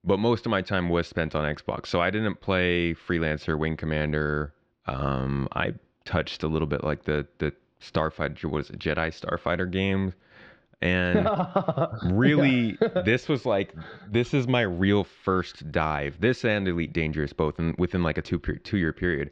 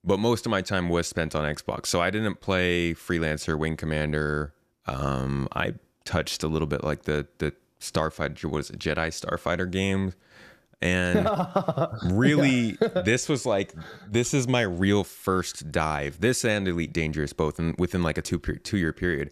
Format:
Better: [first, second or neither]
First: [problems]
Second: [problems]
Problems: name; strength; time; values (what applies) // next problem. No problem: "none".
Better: second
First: muffled; slightly; fading above 4 kHz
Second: none